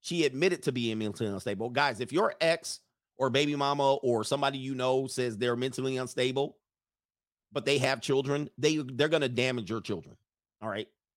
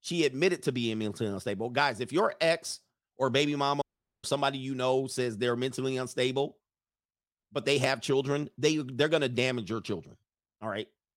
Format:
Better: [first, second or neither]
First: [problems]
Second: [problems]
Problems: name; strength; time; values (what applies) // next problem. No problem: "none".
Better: first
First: none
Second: audio cutting out; at 4 s